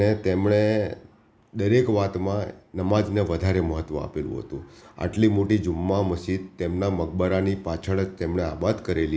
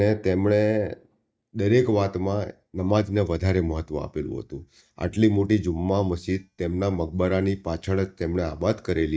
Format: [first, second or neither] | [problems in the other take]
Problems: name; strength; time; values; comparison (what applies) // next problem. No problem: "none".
first | noise reduction (neural mask model DeepFilterNet 3)